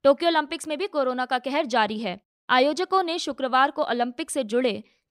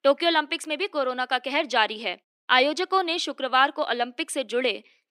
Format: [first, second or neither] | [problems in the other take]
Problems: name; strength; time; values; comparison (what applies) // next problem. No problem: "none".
first | thin; very slightly; fading below 300 Hz